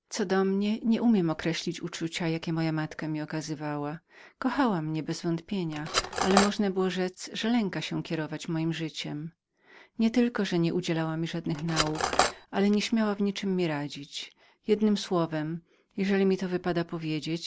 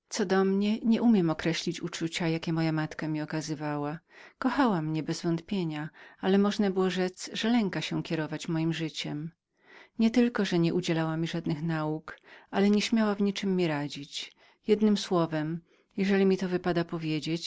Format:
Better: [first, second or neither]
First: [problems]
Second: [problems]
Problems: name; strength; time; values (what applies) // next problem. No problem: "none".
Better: second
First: background sound (Cutlery, silverware); as loud as the speech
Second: none